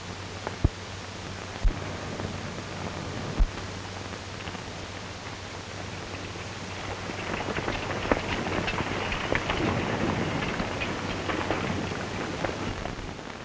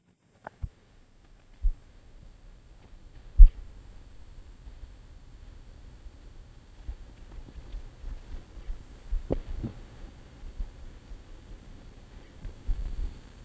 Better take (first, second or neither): first